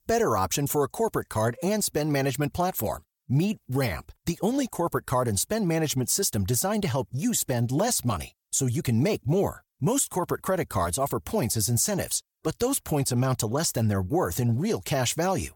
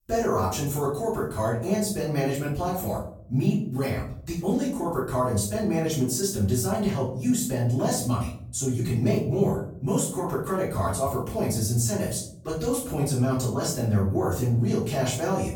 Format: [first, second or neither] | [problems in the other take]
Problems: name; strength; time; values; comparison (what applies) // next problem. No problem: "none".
first | off-mic speech; far // room echo; noticeable; dies away in 0.6 s